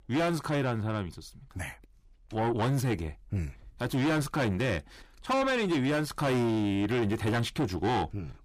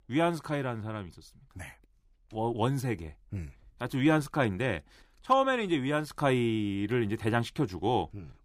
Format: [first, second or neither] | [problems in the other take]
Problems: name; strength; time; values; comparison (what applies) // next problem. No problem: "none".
second | distortion; heavy; 6 dB below the speech